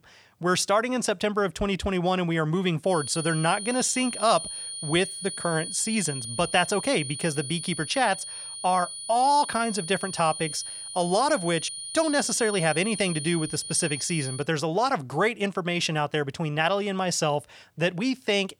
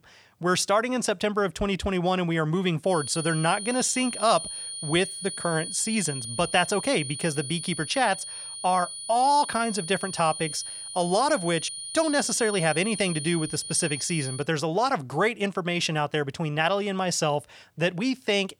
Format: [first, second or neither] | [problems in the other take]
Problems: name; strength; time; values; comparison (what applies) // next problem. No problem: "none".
neither | high-pitched whine; loud; from 3 to 14 s; 9.5 kHz, 8 dB below the speech; the same in both